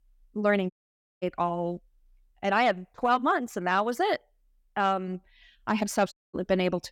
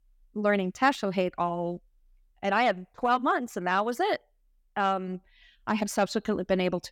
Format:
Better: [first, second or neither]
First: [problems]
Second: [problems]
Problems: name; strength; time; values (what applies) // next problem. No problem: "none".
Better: second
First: audio cutting out; at 0.5 s for 0.5 s and at 6 s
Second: none